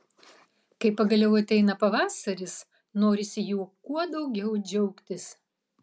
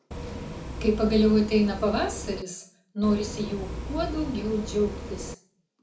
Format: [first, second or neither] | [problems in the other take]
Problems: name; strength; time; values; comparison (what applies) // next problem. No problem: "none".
first | background sound (Bus); 8 dB below the speech // room echo; dies away in 0.4 s